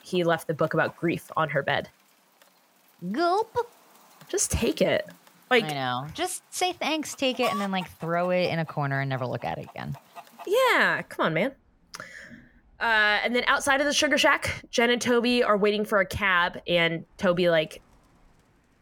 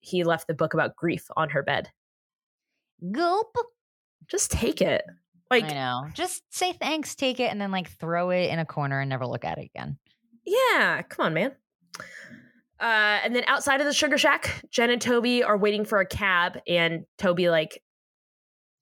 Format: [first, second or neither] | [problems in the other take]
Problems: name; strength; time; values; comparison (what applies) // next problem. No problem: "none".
second | animal sounds; faint; throughout; 20 dB below the speech